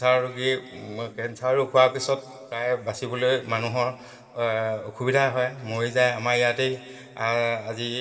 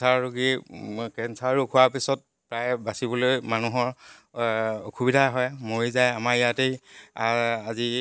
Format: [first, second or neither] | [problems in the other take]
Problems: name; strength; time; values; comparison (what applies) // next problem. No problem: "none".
second | room echo; dies away in 1.8 s